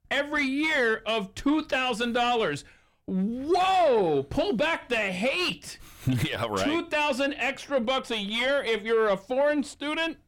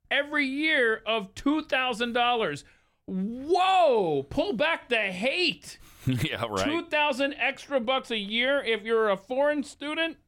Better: second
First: distortion; slight; 10 dB below the speech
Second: none

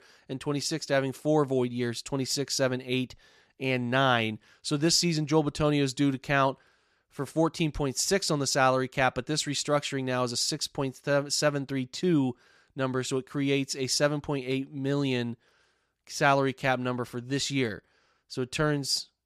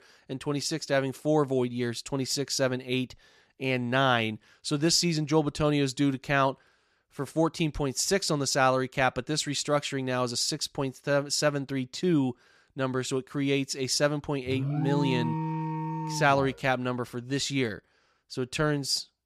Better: first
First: none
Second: alarm; noticeable; from 14 to 17 s; peak 2 dB below the speech

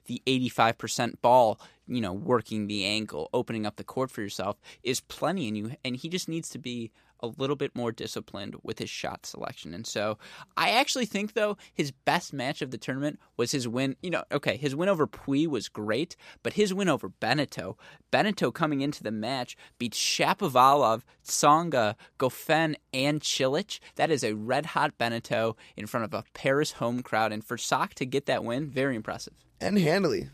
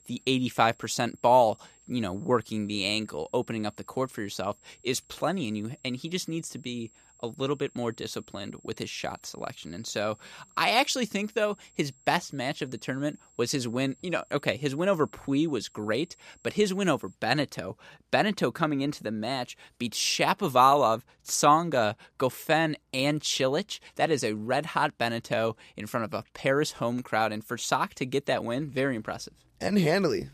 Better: first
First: none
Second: high-pitched whine; faint; until 17 s; 7.5 kHz, 30 dB below the speech

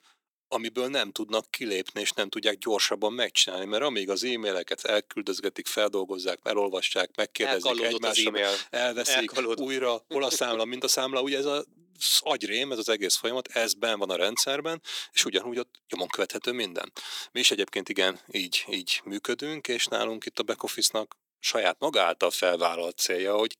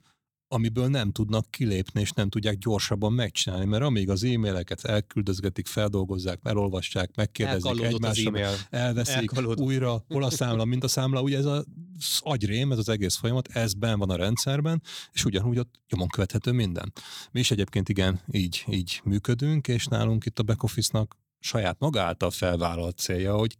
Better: second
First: thin; very; fading below 350 Hz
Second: none

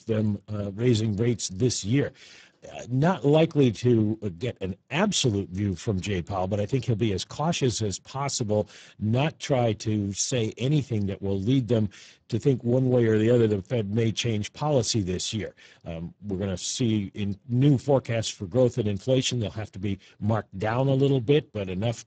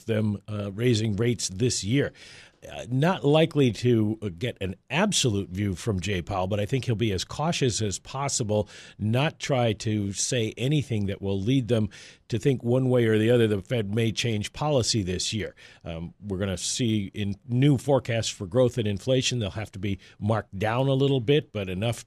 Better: second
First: garbled, watery; badly; nothing above 8 kHz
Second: none

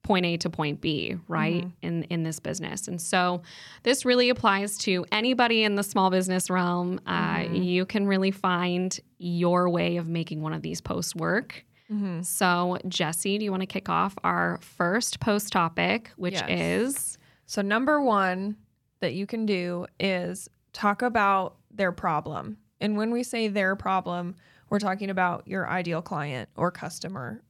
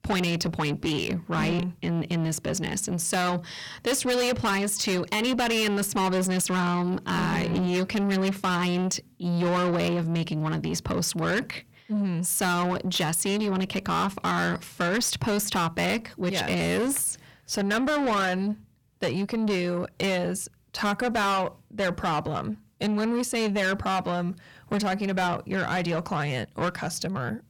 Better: first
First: none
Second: distortion; heavy; 7 dB below the speech

